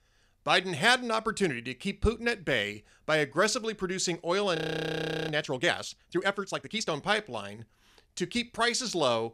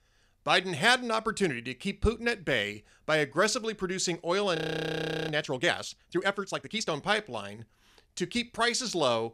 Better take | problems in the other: neither | audio freezing; at 4.5 s for 0.5 s; the same in both

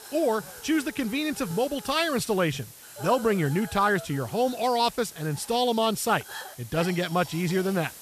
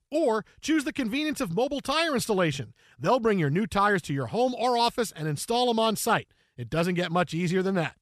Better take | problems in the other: second | hiss; noticeable; throughout; 15 dB below the speech

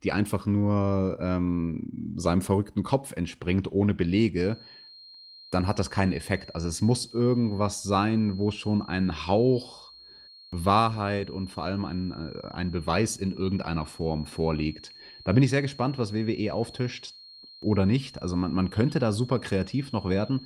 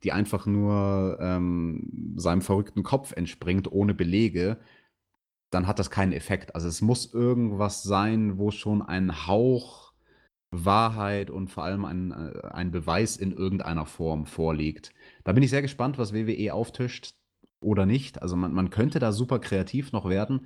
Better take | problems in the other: second | high-pitched whine; noticeable; from 4.5 s on; 4 kHz, 20 dB below the speech

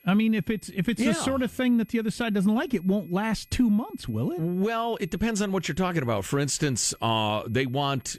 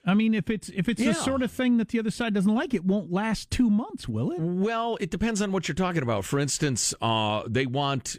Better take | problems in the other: second | high-pitched whine; faint; throughout; 2.5 kHz, 30 dB below the speech

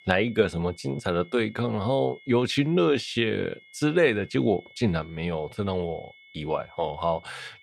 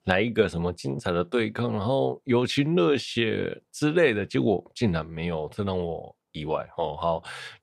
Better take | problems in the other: second | high-pitched whine; faint; throughout; 2 kHz, 25 dB below the speech

